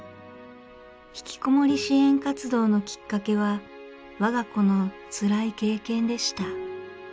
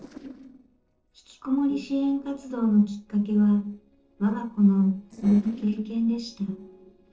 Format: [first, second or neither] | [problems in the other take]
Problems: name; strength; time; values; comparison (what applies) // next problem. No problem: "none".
first | noise reduction (neural separator model SepFormer DNS4)